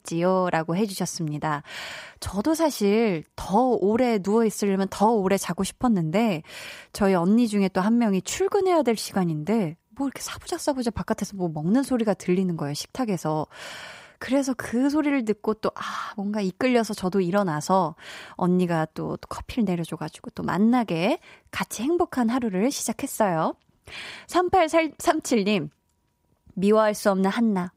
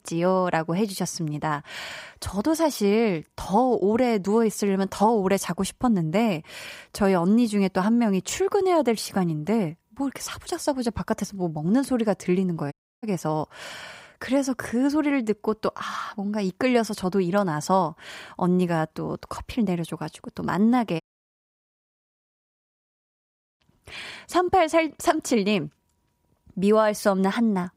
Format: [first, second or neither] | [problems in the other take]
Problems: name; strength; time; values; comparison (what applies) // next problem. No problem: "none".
first | audio cutting out; at 13 s and at 21 s for 2.5 s